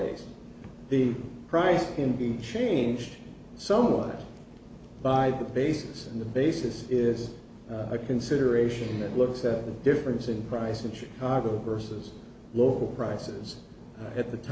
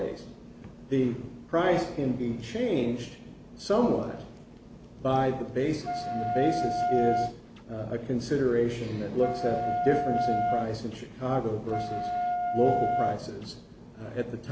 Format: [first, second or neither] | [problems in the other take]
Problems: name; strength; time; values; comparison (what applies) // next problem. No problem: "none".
first | background sound (Wind instrument, woodwind instrument); 1 dB below the speech